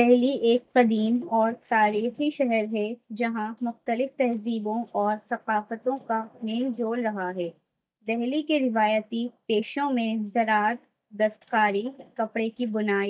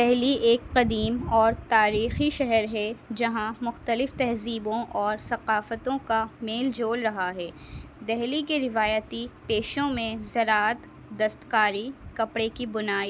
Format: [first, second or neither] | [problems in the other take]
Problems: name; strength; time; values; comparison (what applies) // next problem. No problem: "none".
second | noise reduction (neural mask model DeepFilterNet 3)